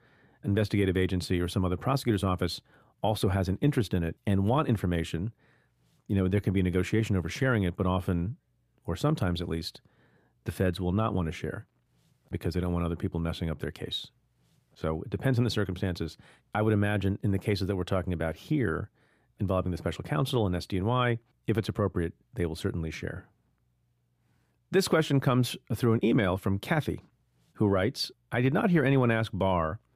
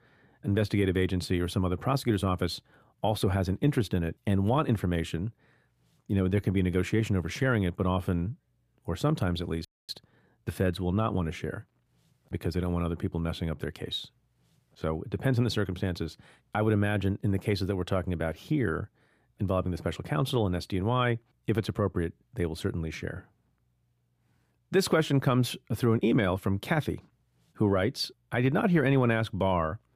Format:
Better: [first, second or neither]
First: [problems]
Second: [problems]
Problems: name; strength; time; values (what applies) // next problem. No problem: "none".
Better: first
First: none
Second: audio freezing; at 9.5 s